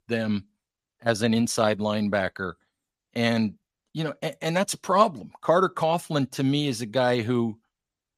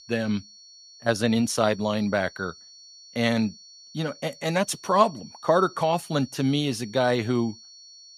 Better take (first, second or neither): first